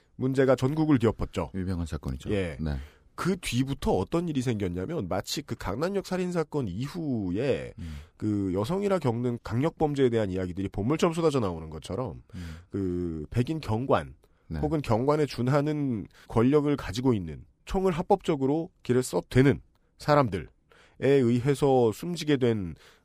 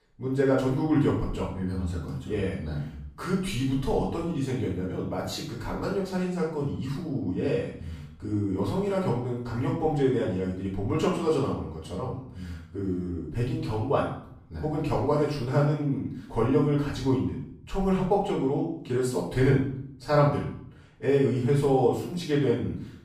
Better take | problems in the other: first | off-mic speech; far // room echo; noticeable; dies away in 0.6 s

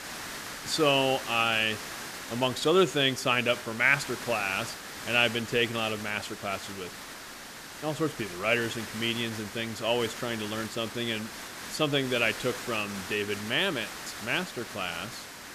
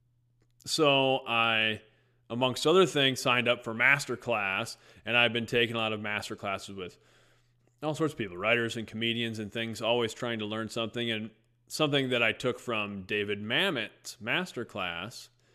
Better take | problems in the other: second | hiss; noticeable; throughout; 10 dB below the speech

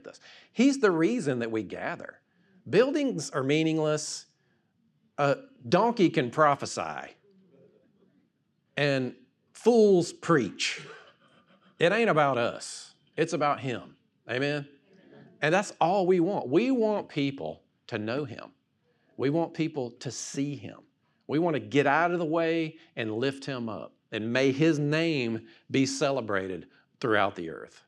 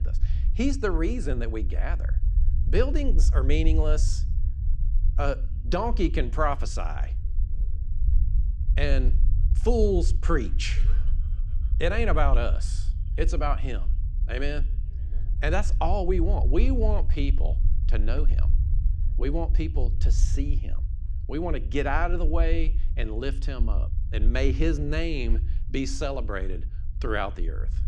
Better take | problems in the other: first | low rumble; noticeable; throughout; 15 dB below the speech

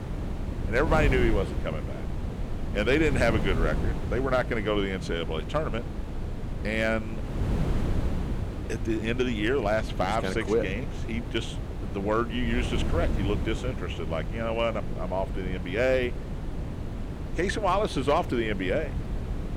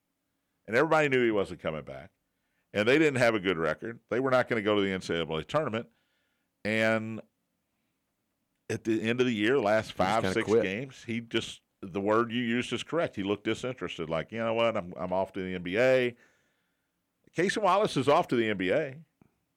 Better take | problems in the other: second | wind noise on the microphone; occasional gusts; 10 dB below the speech

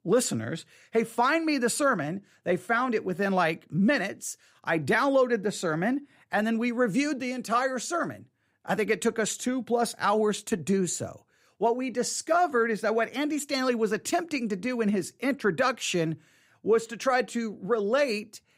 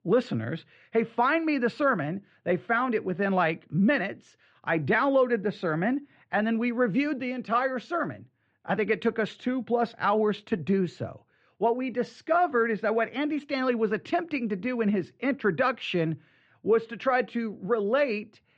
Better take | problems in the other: first | muffled; very; fading above 3.5 kHz

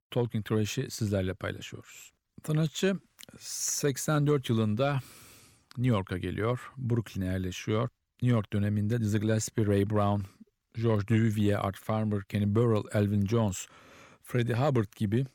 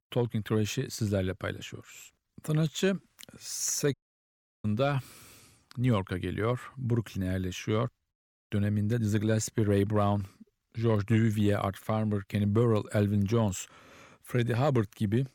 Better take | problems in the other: first | audio cutting out; at 4 s for 0.5 s and at 8 s

